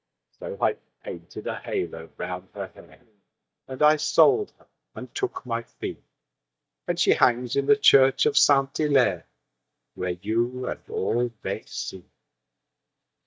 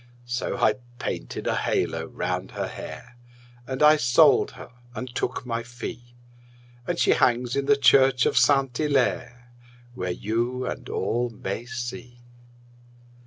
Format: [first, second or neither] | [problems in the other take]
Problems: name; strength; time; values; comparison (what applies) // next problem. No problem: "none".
second | noise reduction (neural mask model DeepFilterNet 3)